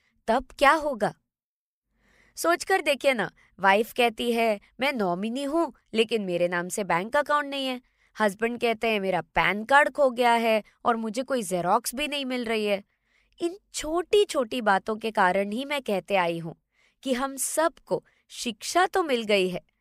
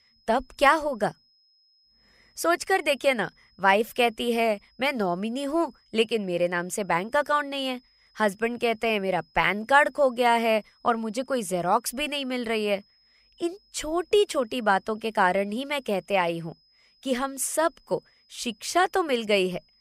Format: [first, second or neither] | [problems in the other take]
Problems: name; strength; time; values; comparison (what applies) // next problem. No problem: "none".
first | high-pitched whine; faint; throughout; 5 kHz, 35 dB below the speech